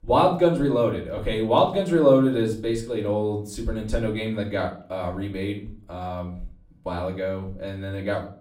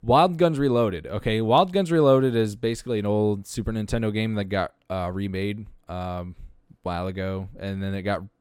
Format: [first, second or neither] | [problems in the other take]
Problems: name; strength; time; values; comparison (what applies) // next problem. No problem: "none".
second | off-mic speech; far // room echo; slight; dies away in 0.4 s